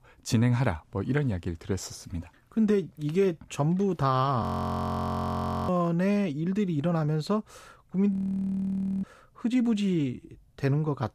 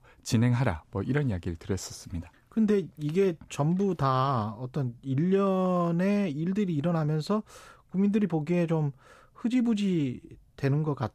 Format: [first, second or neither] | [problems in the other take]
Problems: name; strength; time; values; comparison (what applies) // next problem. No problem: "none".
second | audio freezing; at 4.5 s for 1.5 s and at 8 s for 1 s